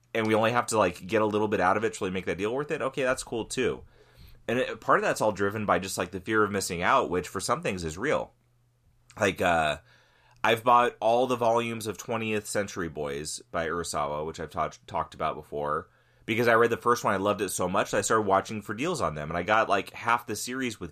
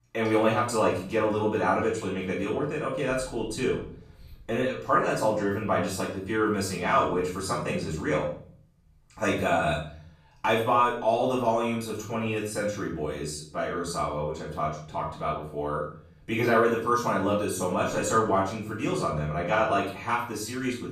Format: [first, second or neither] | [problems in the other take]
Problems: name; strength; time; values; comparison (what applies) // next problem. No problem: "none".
first | off-mic speech; far // room echo; noticeable; dies away in 0.6 s